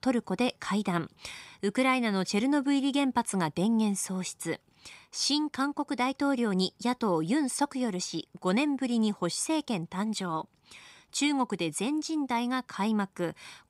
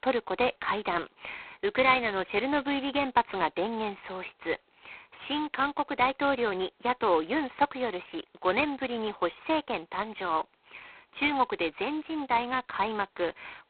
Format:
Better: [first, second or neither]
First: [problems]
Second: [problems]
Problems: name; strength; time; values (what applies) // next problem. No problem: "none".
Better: first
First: none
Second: phone-call audio; poor line; nothing above 4 kHz